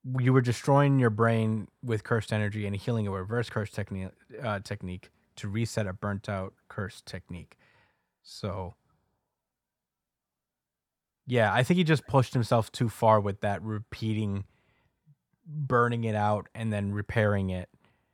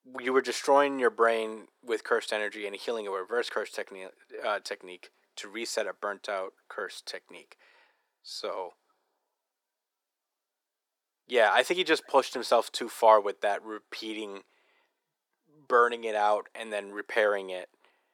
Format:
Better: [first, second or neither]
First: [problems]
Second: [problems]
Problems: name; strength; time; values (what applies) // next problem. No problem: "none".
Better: first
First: none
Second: thin; very; fading below 350 Hz